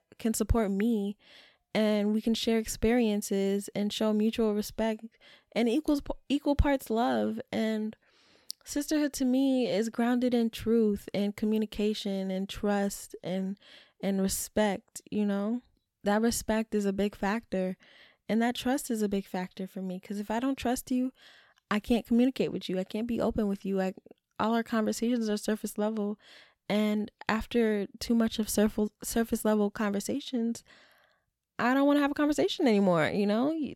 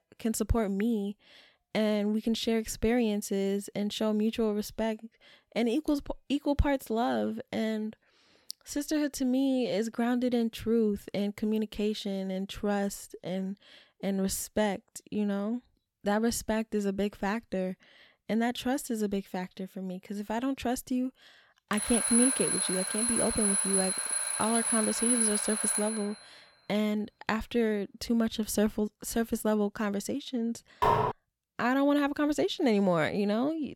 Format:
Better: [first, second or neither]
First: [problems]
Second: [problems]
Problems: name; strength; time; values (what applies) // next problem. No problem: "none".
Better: first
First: none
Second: alarm; loud; from 22 to 26 s; peak 6 dB above the speech // clattering dishes; loud; at 31 s; peak 4 dB above the speech